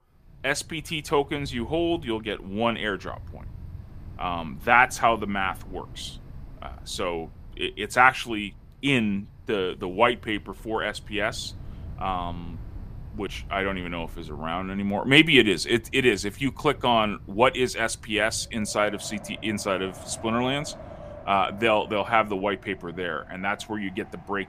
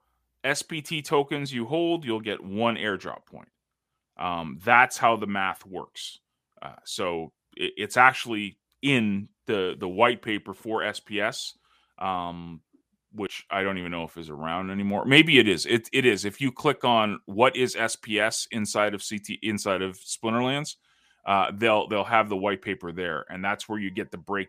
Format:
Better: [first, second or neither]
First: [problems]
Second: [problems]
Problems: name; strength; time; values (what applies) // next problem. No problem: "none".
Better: second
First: wind in the background; noticeable; throughout; 20 dB below the speech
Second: none